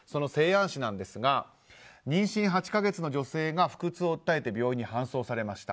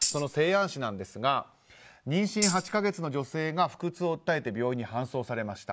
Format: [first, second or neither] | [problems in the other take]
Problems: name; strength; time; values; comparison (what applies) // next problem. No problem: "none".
first | background sound (Tambourine); 3 dB below the speech